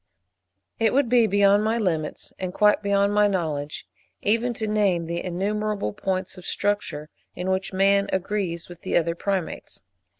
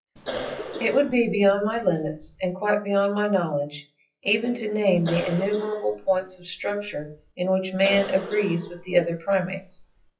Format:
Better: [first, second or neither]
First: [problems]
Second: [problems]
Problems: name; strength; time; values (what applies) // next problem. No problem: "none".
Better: first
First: none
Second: noise reduction (classical method WPE with log-MMSE)